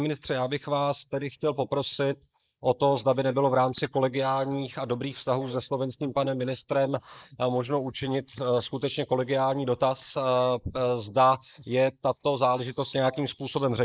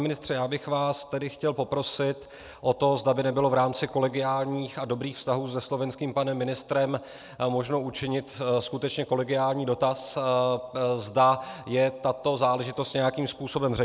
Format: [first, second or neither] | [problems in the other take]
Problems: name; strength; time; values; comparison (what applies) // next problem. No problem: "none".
second | noise reduction (neural mask model Resemble Enhance denoiser)